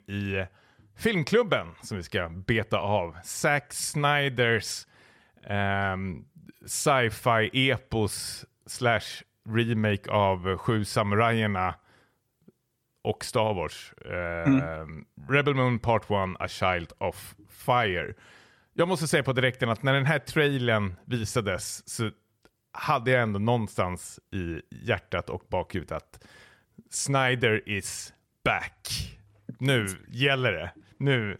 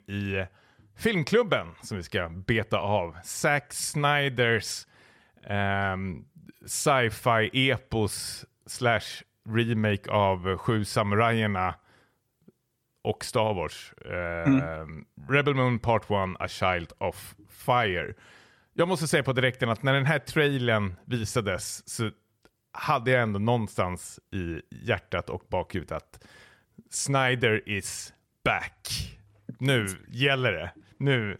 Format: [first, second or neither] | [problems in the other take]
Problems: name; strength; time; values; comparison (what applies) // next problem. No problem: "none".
neither | none